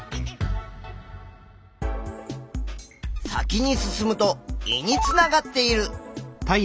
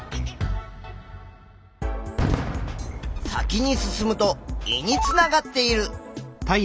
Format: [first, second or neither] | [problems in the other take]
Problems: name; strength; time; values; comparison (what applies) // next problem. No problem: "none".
first | background sound (Fireworks); 8 dB below the speech